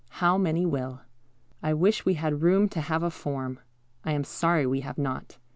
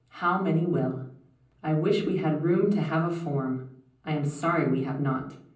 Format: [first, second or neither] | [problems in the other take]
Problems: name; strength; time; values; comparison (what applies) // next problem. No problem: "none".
first | room echo; dies away in 0.6 s